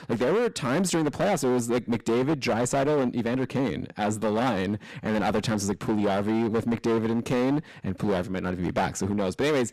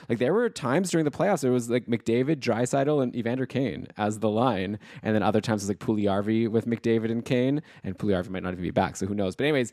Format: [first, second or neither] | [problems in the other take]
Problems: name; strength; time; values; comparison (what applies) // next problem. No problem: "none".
second | distortion; heavy; 17% of the sound clipped